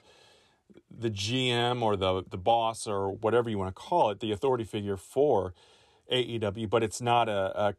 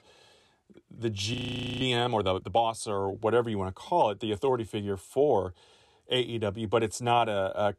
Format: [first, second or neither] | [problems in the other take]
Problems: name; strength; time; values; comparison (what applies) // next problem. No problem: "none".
first | audio freezing; at 1.5 s